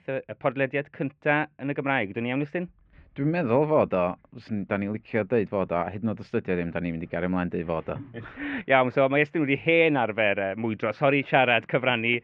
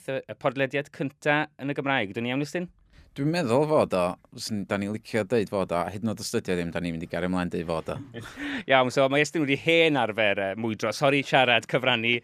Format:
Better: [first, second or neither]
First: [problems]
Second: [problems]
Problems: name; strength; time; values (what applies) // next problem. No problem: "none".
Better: second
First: muffled; very; fading above 2.5 kHz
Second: none